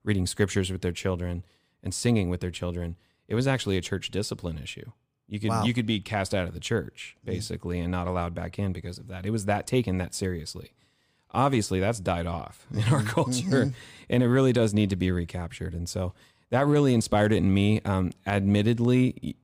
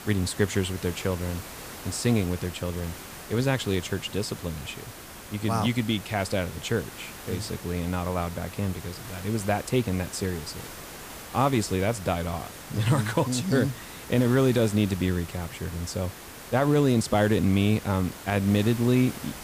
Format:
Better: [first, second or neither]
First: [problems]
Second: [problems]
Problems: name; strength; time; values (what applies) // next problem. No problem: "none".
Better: first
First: none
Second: hiss; noticeable; throughout; 15 dB below the speech